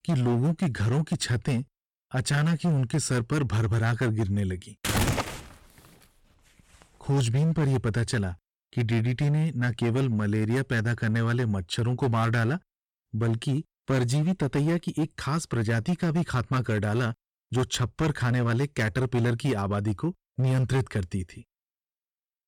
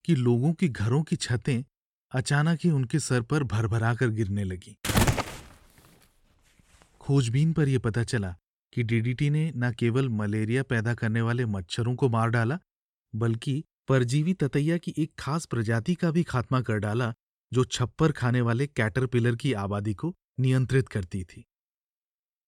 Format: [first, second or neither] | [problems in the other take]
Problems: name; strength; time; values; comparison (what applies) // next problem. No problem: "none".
second | distortion; slight; 13% of the sound clipped